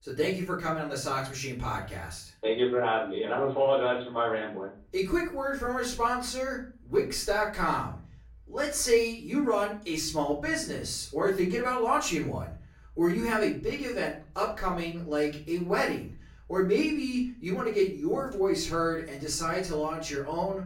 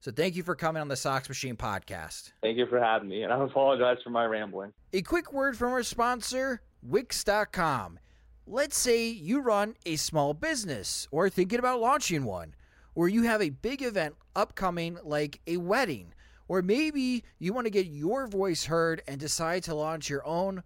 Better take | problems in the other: second | room echo; slight; dies away in 0.4 s // off-mic speech; far

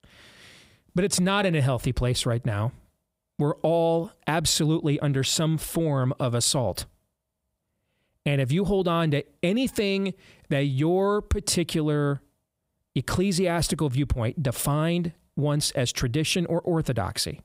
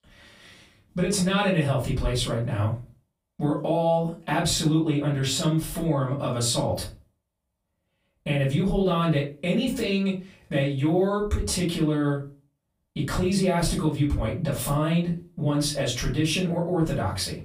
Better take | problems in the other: first | off-mic speech; far // room echo; slight; dies away in 0.3 s

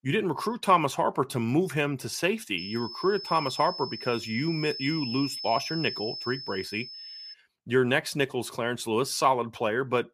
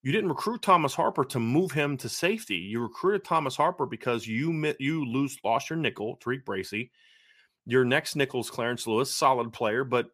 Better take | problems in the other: second | high-pitched whine; loud; from 2.5 to 7.5 s; 5 kHz, 8 dB below the speech

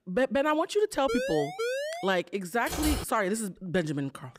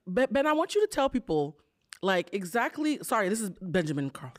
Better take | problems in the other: second | siren; noticeable; from 1 to 2 s; peak 2 dB below the speech // keyboard typing; noticeable; at 2.5 s; peak 3 dB below the speech

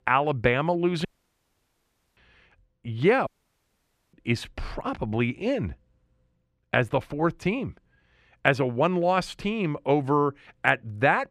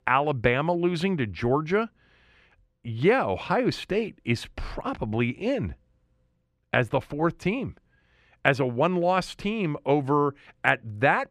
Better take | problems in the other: second | audio cutting out; at 1 s for 1 s and at 3.5 s for 1 s

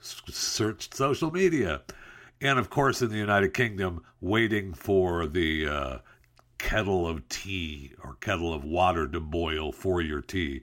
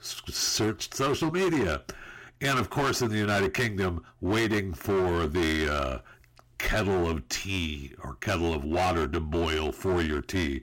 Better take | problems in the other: first | distortion; heavy; 15% of the sound clipped

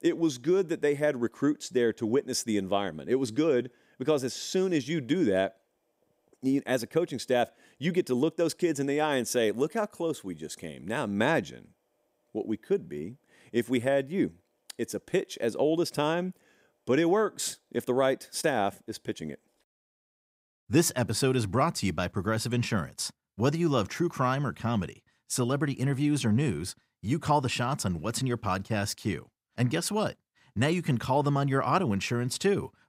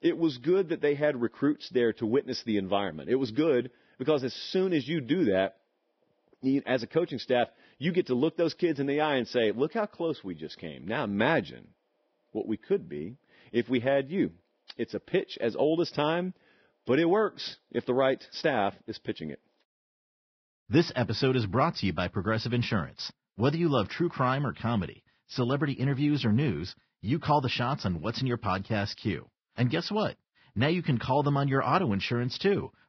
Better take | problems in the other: first | garbled, watery; badly; nothing above 5.5 kHz

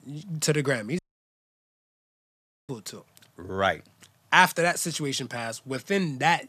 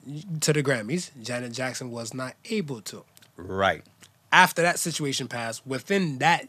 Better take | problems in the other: second | audio cutting out; at 1 s for 1.5 s

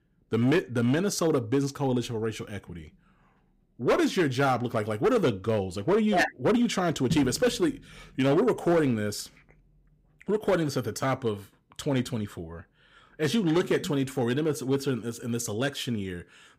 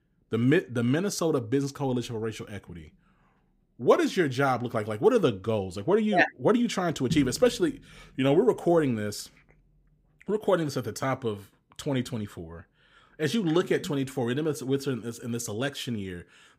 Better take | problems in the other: second | distortion; slight; 5% of the sound clipped

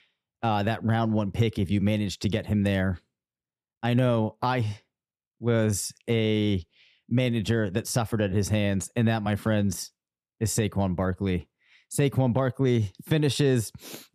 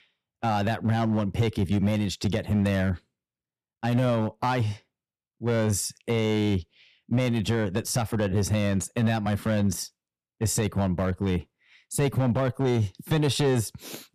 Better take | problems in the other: first | distortion; slight; 5% of the sound clipped

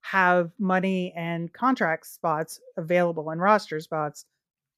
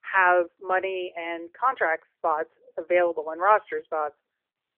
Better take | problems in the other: first | phone-call audio; nothing above 3 kHz

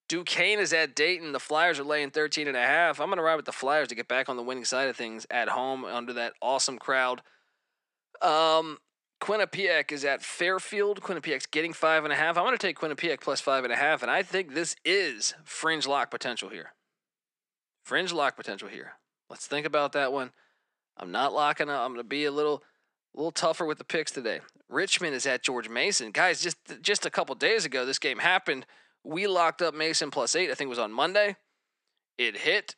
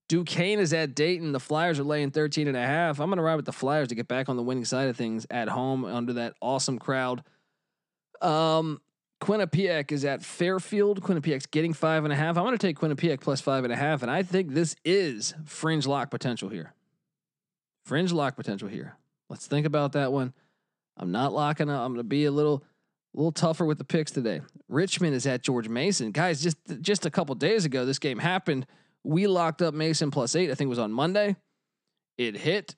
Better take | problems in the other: second | thin; very; fading below 500 Hz

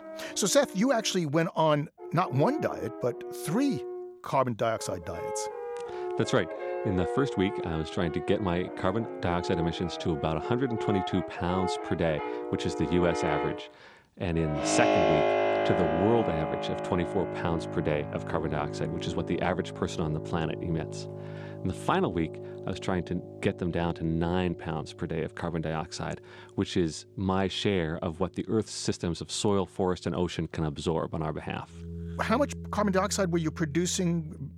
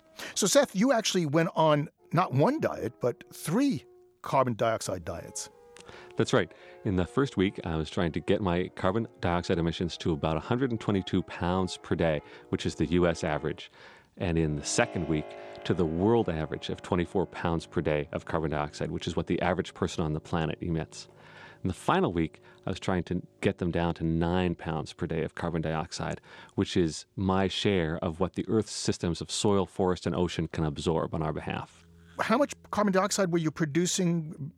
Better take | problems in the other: second | background music; loud; throughout; 5 dB below the speech; faint in the second

